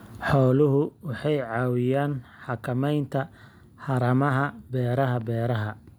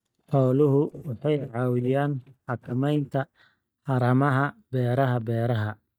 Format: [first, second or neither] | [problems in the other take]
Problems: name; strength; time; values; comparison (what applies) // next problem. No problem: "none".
first | noise reduction (neural mask model DeepFilterNet 3)